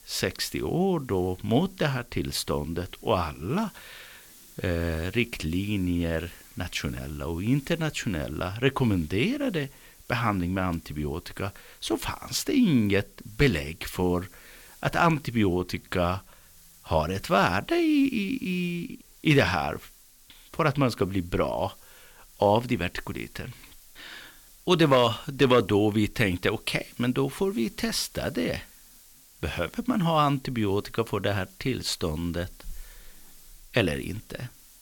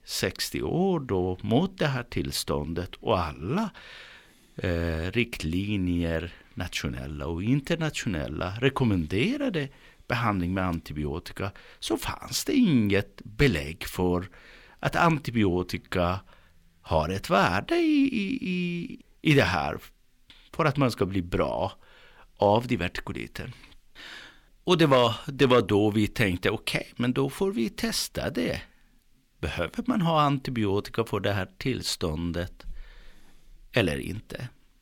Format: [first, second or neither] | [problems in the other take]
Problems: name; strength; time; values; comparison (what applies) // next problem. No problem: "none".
second | hiss; faint; throughout; 25 dB below the speech